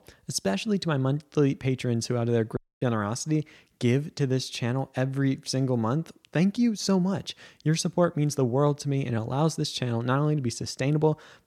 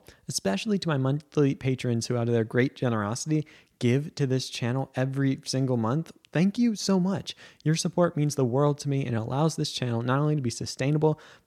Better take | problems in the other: second | audio cutting out; at 2.5 s

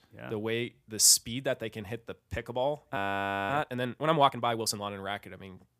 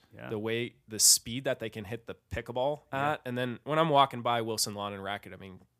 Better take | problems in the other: second | audio freezing; at 3 s for 0.5 s

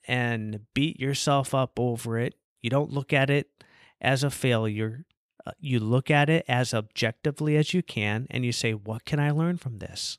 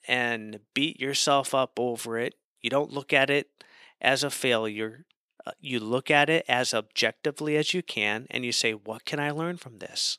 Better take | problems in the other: first | thin; somewhat; fading below 300 Hz

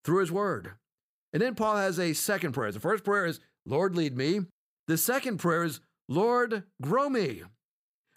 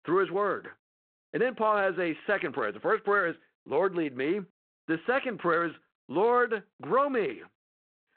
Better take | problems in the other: first | phone-call audio; nothing above 4 kHz

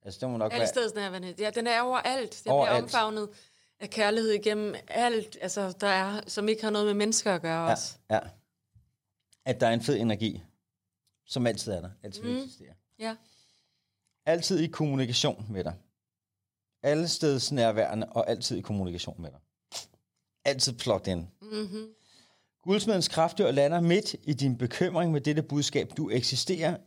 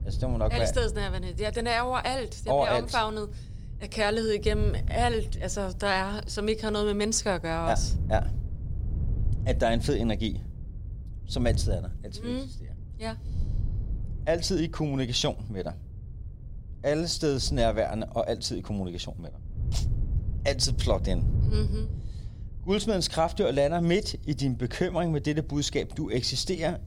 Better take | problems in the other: first | wind noise on the microphone; occasional gusts; 20 dB below the speech

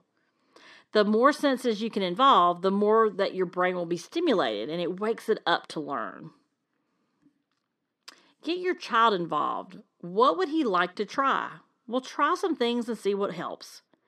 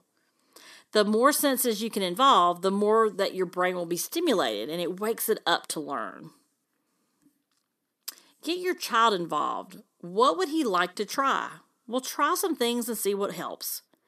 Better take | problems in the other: second | muffled; very slightly; fading above 3.5 kHz

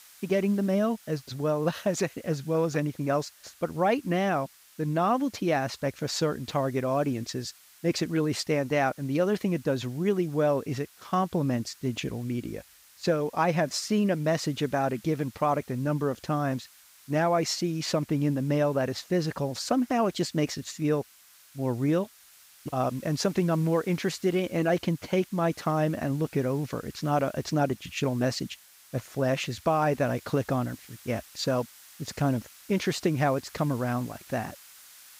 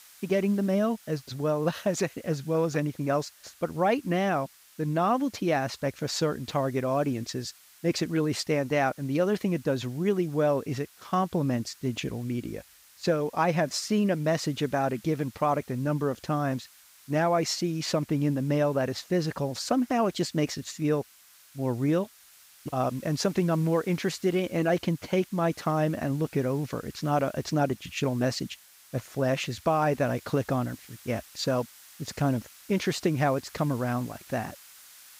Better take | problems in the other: neither | hiss; faint; throughout; 25 dB below the speech; the same in both

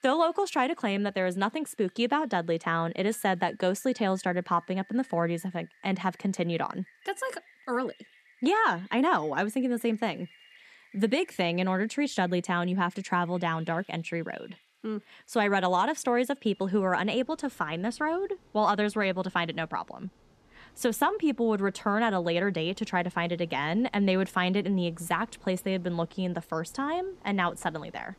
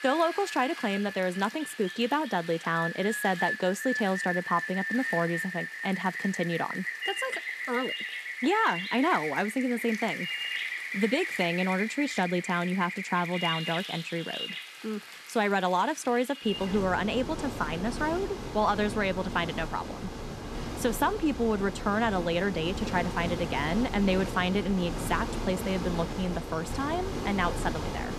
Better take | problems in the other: first | rain or running water; loud; throughout; 5 dB below the speech; faint in the first

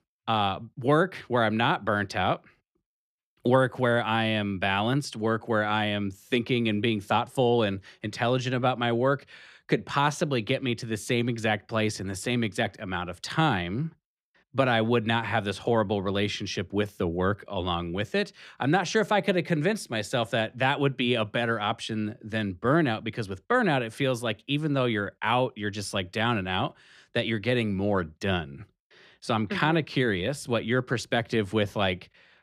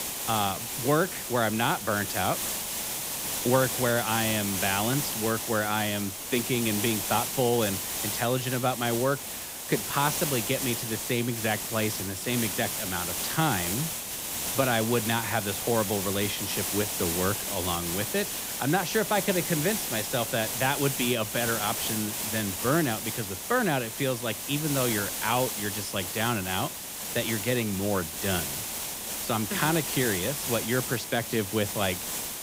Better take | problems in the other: first | hiss; loud; throughout; 2 dB below the speech

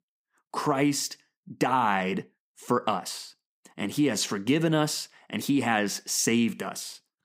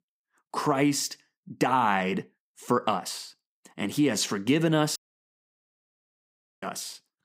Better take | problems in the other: first | audio cutting out; at 5 s for 1.5 s

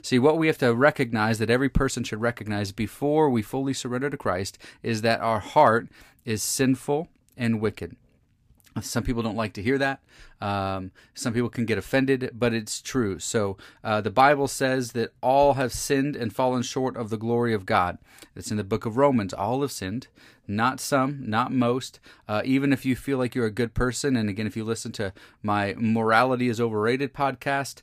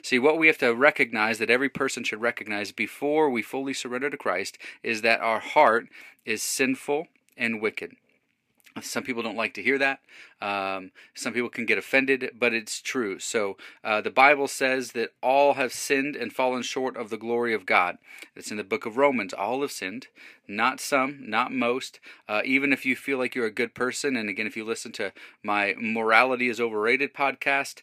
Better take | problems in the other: first | thin; very slightly; fading below 350 Hz

